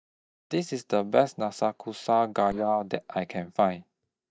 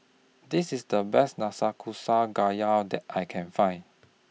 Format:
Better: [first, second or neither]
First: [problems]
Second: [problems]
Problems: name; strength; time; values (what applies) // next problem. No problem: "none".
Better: second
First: noise reduction (neural mask model DeepFilterNet 3)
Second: none